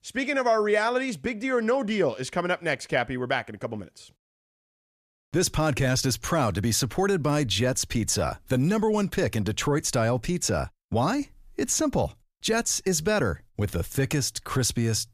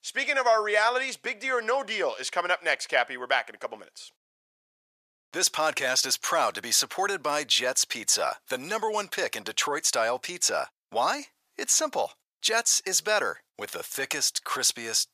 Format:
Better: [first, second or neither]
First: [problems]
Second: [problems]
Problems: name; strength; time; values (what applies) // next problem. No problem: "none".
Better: first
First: none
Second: thin; very; fading below 750 Hz